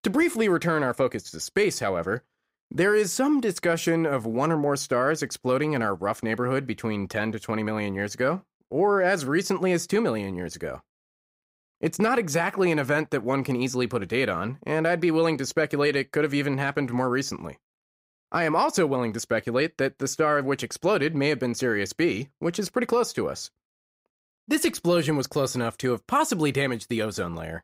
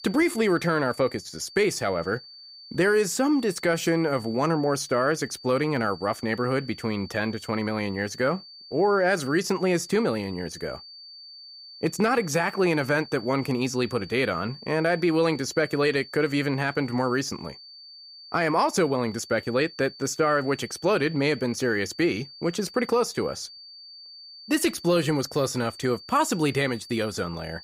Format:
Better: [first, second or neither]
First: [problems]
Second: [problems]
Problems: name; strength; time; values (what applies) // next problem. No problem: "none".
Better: first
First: none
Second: high-pitched whine; noticeable; throughout; 4.5 kHz, 15 dB below the speech